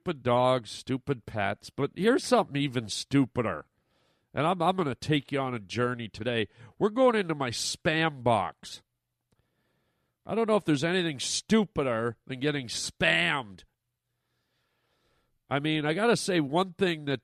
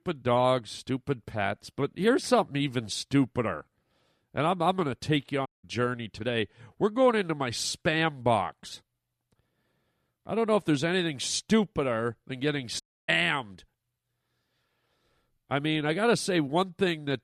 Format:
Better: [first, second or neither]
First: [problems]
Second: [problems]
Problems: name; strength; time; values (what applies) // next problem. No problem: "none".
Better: first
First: none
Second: audio cutting out; at 5.5 s and at 13 s